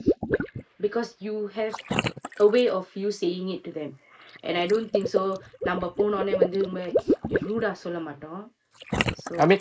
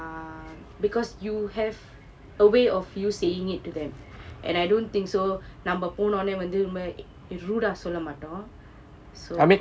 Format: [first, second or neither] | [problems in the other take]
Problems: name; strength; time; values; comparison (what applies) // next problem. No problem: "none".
second | noise reduction (neural mask model Resemble Enhance denoiser)